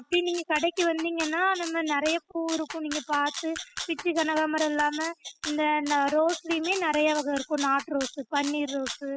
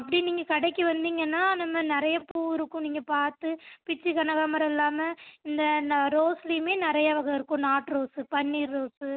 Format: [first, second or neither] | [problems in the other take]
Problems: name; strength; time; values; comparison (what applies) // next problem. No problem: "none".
second | noise reduction (classical method spectral subtraction)